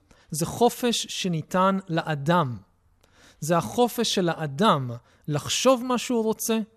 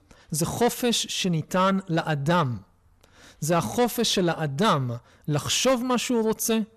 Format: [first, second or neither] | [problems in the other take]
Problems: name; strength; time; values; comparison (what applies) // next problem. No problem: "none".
first | distortion; slight; 10 dB below the speech